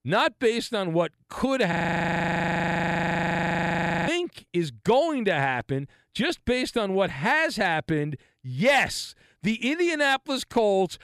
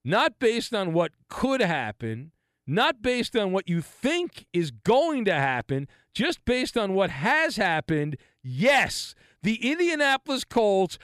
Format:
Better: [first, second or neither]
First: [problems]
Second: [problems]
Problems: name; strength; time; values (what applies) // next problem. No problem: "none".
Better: second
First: audio freezing; at 1.5 s for 2.5 s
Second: none